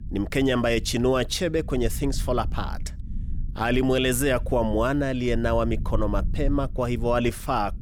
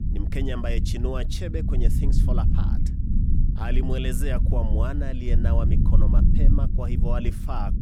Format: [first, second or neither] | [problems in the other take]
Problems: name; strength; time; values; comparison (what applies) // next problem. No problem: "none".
first | low rumble; loud; throughout; 4 dB below the speech; faint in the first